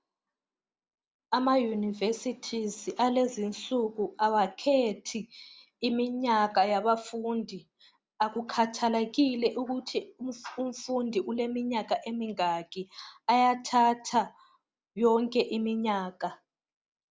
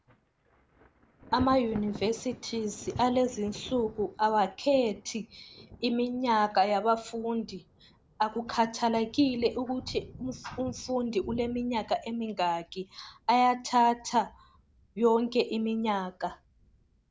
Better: first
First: none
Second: background sound (Thunder); 19 dB below the speech

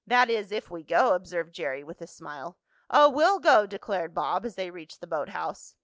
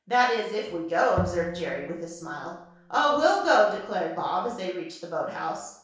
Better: first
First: none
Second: background sound (Bowed string instrument); 11 dB below the speech // room echo; dies away in 0.6 s

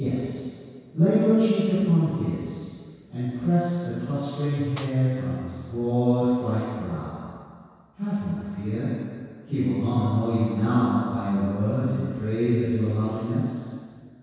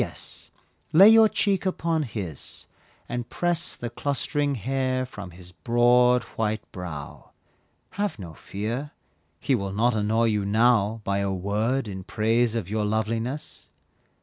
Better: second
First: background sound (Snare drum); 20 dB below the speech // room echo; dies away in 2 s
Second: none

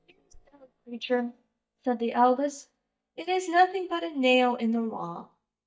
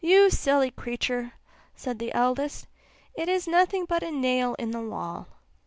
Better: second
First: noise reduction (neural mask model DeepFilterNet 3)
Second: none

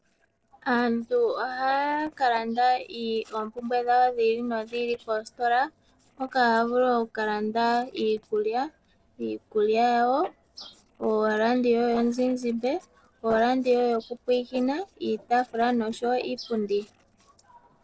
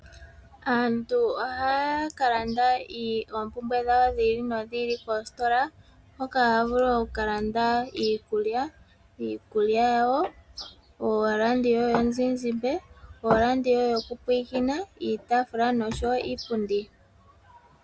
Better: second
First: noise reduction (neural separator model SepFormer DNS4)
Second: none

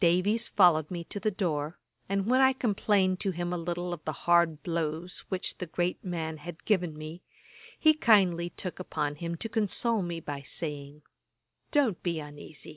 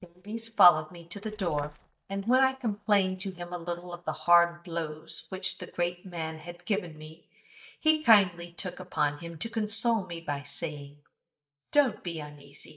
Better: first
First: none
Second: noise reduction (neural mask model DeepFilterNet 3)

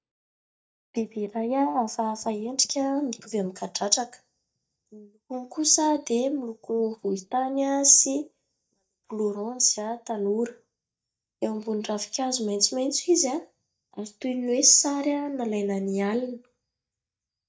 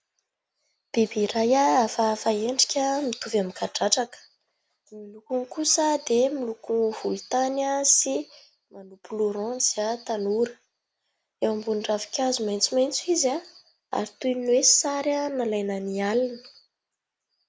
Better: second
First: noise reduction (neural mask model DeepFilterNet 3)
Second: none

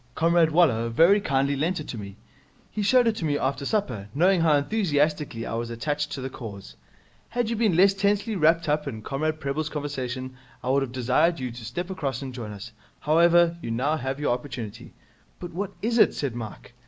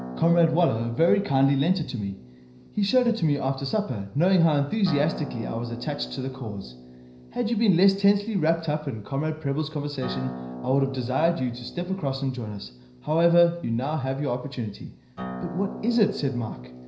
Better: first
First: none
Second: background sound (Acoustic guitar); 15 dB below the speech // room echo; dies away in 0.5 s

